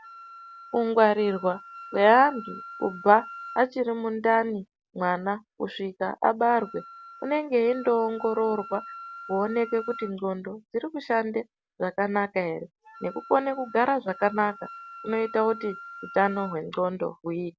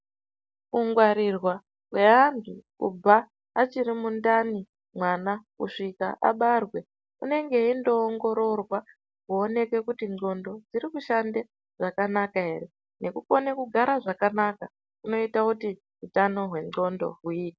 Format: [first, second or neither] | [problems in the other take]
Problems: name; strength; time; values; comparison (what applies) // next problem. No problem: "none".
second | background sound (Wind instrument, woodwind instrument); 18 dB below the speech